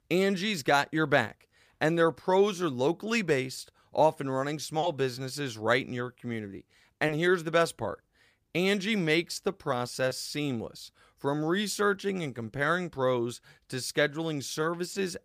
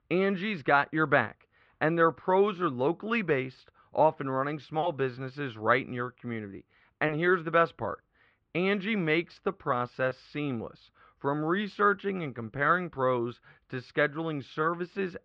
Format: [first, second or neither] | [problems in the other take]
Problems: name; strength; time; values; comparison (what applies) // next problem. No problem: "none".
first | muffled; very; fading above 3 kHz